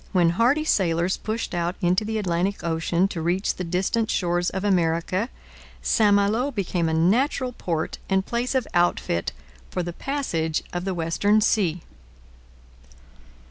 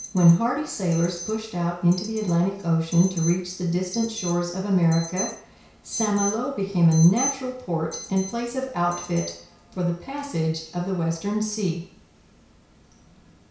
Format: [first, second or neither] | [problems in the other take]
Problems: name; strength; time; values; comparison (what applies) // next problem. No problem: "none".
first | background sound (Alarm); 14 dB below the speech // room echo; dies away in 0.6 s